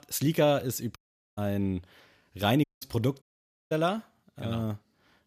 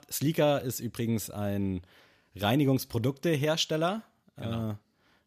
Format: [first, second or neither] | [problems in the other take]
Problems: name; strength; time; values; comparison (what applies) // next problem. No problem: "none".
second | audio cutting out; at 1 s, at 2.5 s and at 3 s